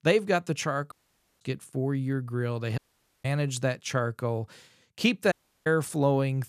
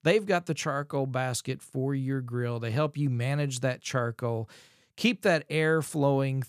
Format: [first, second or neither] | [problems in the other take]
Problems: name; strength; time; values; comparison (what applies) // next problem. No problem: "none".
second | audio cutting out; at 1 s, at 3 s and at 5.5 s